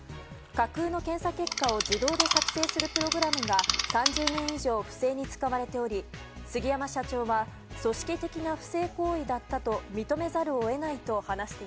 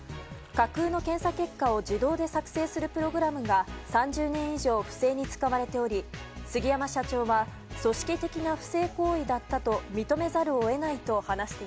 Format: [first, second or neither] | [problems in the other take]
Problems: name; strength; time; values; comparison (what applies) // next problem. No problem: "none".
second | background sound (Insect); 1 dB above the speech